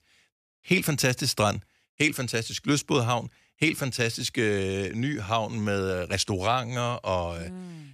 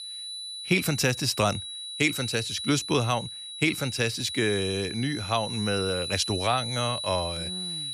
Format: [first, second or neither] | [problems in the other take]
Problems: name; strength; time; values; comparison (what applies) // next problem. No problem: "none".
first | high-pitched whine; loud; throughout; 4 kHz, 6 dB below the speech